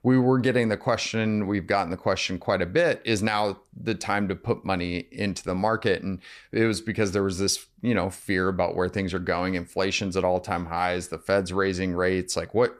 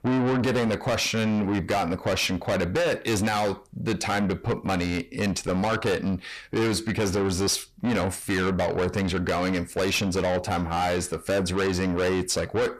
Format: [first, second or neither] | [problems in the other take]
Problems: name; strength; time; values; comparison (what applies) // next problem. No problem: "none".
first | distortion; heavy; 6 dB below the speech